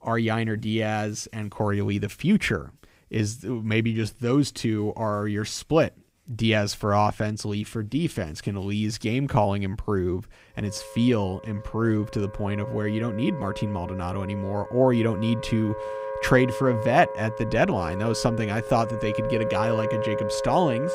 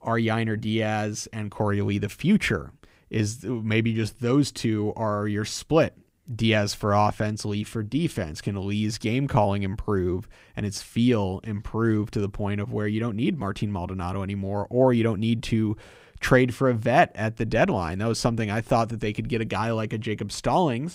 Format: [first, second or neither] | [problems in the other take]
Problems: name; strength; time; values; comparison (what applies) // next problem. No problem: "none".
second | background music; loud; throughout; 7 dB below the speech